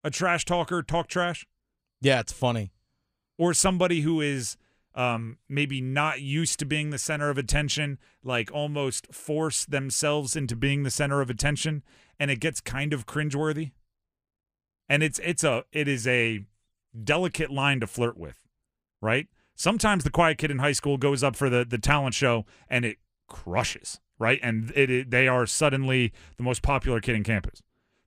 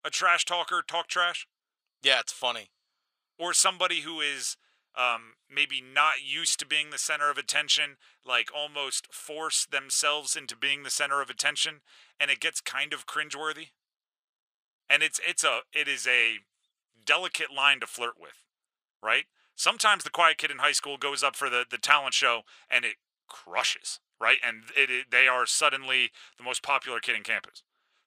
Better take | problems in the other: first | thin; very; fading below 800 Hz

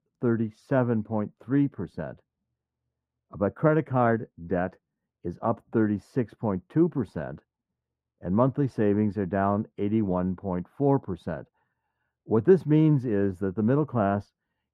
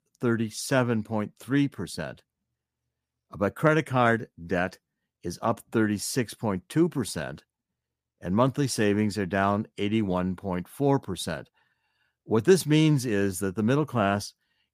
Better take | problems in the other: second | muffled; very; fading above 2.5 kHz

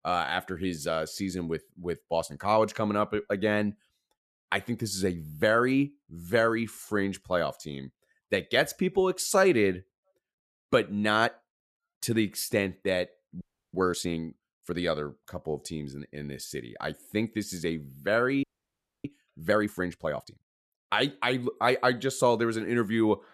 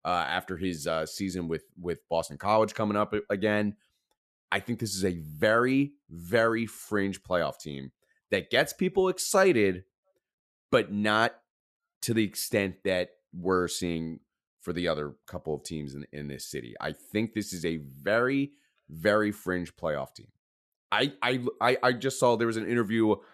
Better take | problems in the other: second | audio freezing; at 13 s and at 18 s for 0.5 s

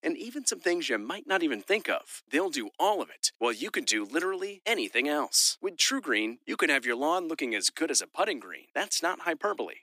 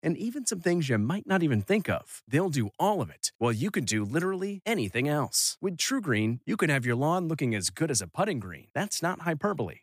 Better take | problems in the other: second | thin; somewhat; fading below 300 Hz

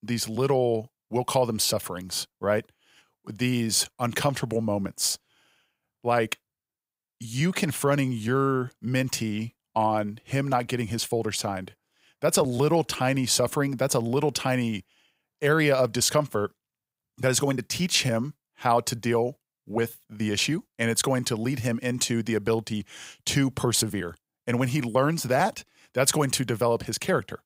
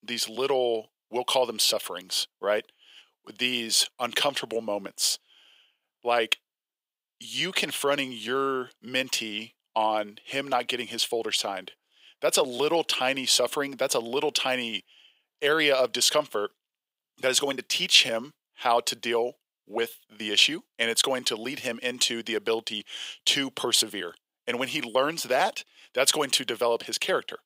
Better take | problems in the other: first | thin; somewhat; fading below 400 Hz

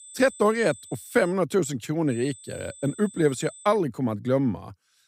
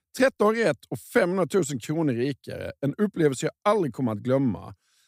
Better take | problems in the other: second | high-pitched whine; noticeable; until 1.5 s and from 2 to 3.5 s; 8.5 kHz, 20 dB below the speech

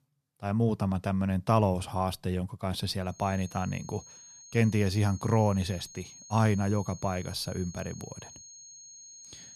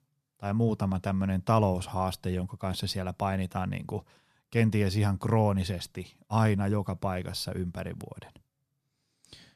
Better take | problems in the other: second | high-pitched whine; noticeable; from 3 s on; 6.5 kHz, 15 dB below the speech

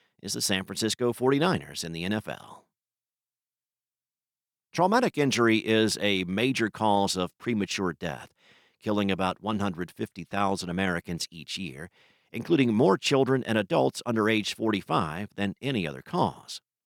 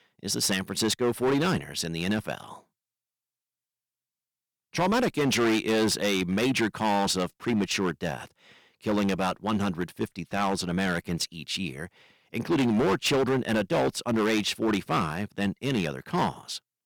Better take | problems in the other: first | distortion; heavy; 9% of the sound clipped

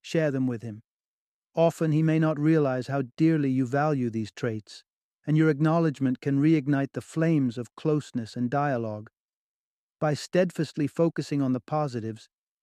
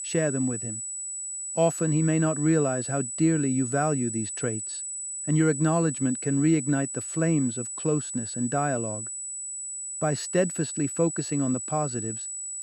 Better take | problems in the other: first | high-pitched whine; loud; throughout; 8 kHz, 5 dB below the speech

